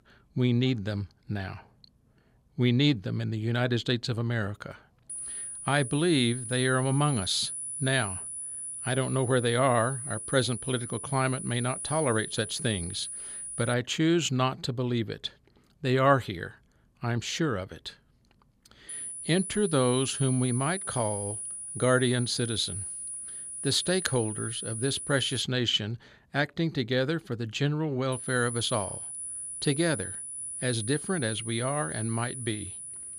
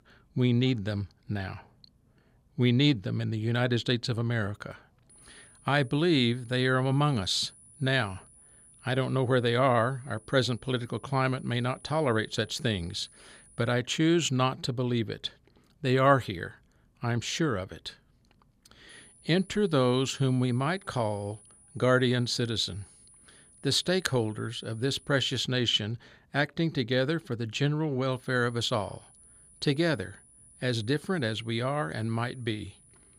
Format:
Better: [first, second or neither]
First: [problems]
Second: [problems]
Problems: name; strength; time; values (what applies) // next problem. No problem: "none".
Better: second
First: high-pitched whine; loud; from 5 to 14 s, from 19 to 25 s and from 28 s on; 10 kHz, 7 dB below the speech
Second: high-pitched whine; faint; from 5 to 14 s, from 19 to 25 s and from 28 s on; 10 kHz, 25 dB below the speech